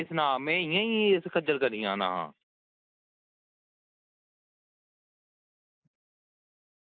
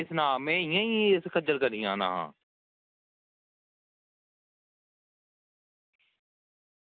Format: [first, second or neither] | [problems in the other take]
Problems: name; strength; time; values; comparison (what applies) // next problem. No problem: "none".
second | noise reduction (neural mask model Resemble Enhance denoiser)